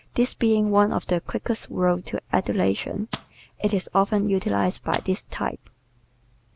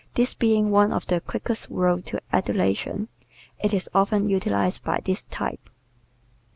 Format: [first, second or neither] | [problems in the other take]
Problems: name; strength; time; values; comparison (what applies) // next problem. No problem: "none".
second | background sound (Rattle (instrument)); 12 dB below the speech